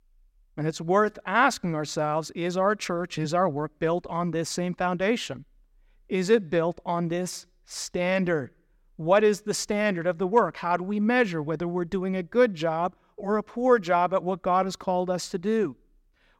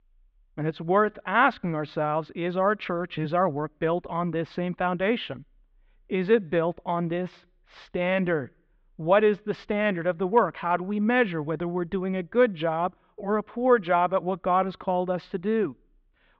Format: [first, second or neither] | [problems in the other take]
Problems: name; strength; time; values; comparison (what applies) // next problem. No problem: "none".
first | muffled; very; fading above 3.5 kHz